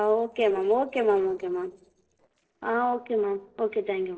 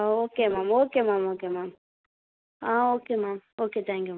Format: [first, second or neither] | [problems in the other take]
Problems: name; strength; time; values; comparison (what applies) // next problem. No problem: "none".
second | noise reduction (neural separator model SepFormer DNS4)